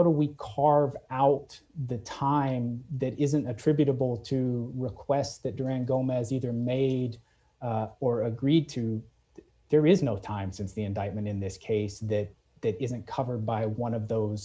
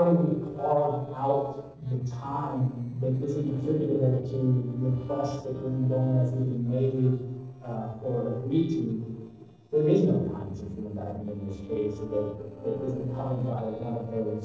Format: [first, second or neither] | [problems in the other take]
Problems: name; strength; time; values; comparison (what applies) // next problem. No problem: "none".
first | noise reduction (neural separator model SepFormer DNS4)